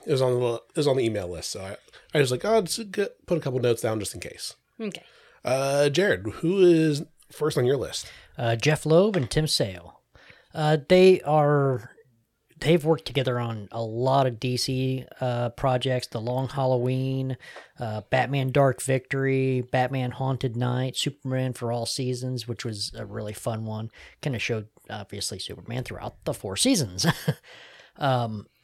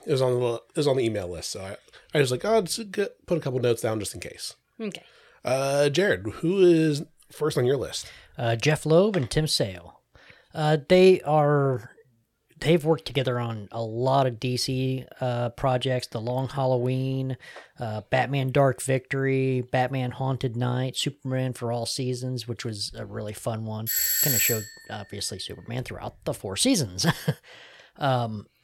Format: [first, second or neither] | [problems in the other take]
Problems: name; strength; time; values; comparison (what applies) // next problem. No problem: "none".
first | doorbell; loud; at 24 s; peak 5 dB above the speech